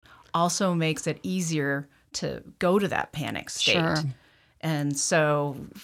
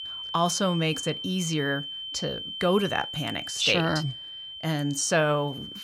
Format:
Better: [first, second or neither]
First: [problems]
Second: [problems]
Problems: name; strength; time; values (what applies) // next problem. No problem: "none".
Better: first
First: none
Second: high-pitched whine; loud; throughout; 3 kHz, 8 dB below the speech